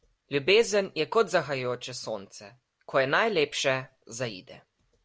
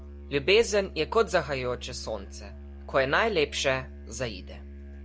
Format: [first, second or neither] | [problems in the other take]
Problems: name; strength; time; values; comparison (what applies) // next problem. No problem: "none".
first | background sound (Musical instrument); 14 dB below the speech